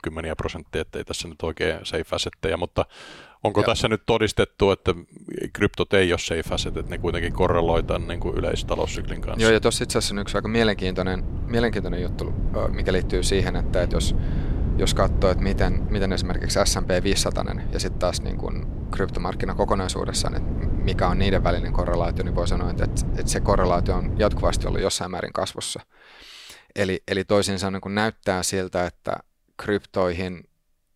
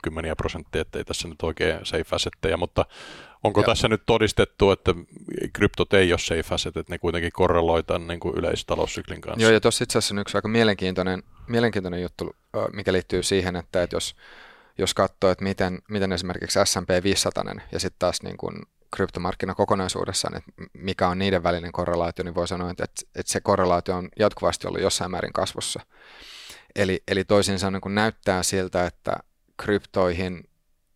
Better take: second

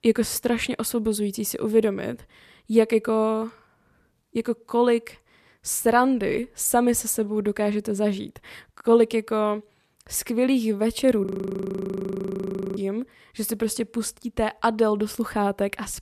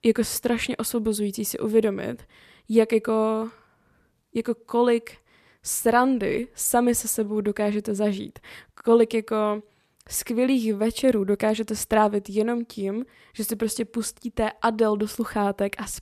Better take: second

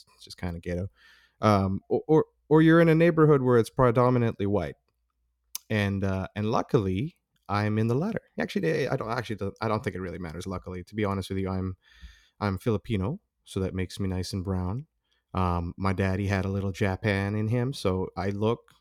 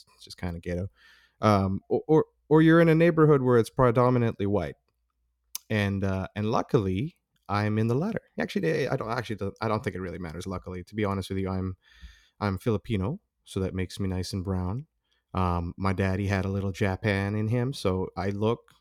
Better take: neither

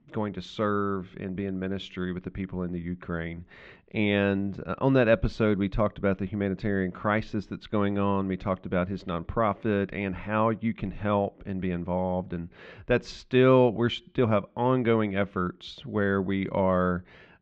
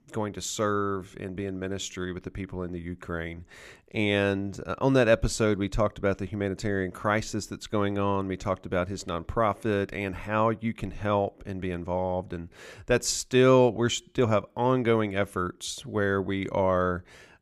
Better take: second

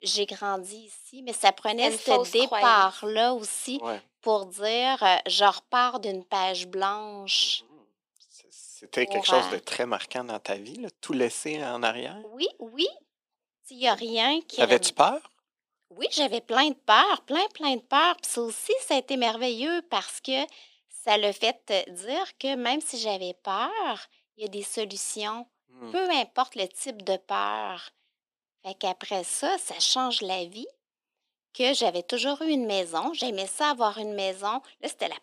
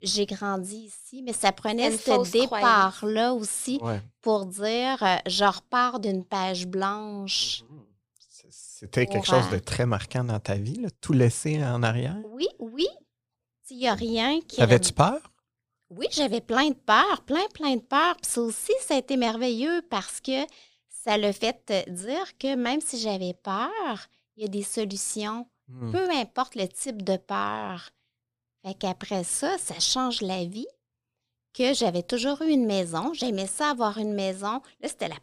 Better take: second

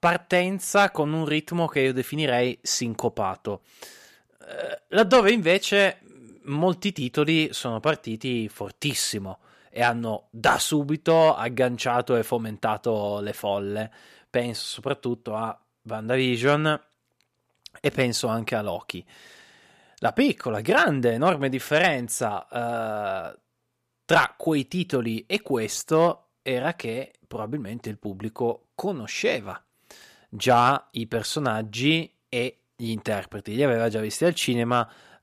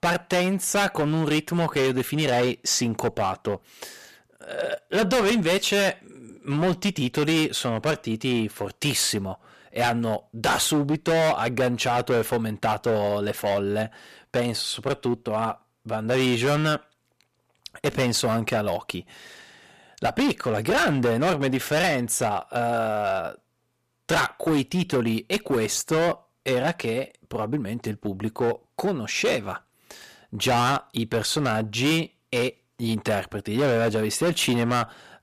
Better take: first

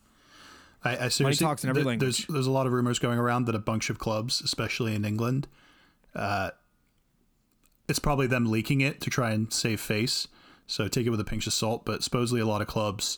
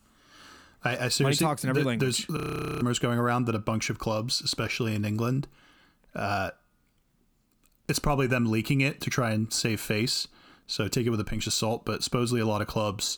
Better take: first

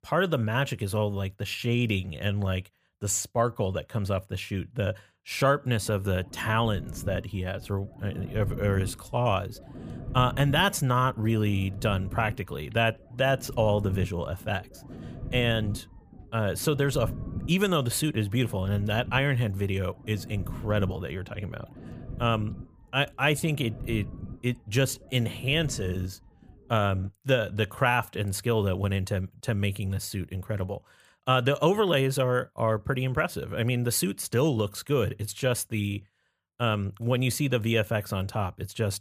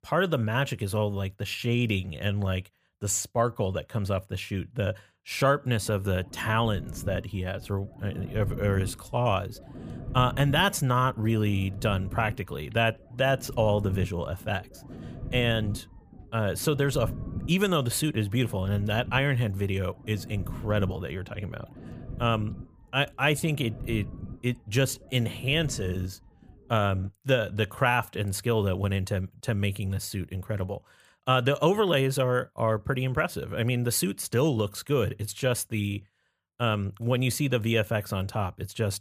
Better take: neither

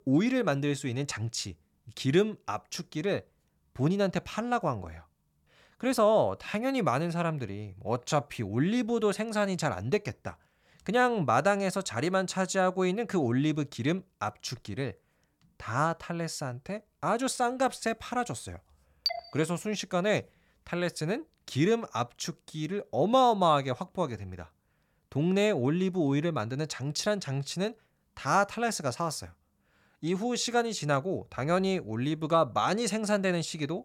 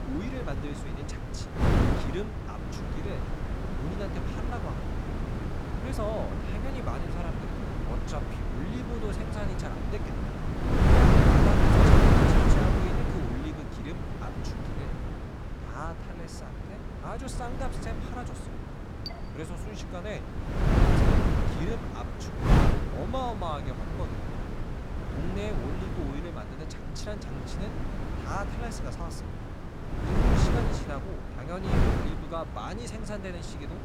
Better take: first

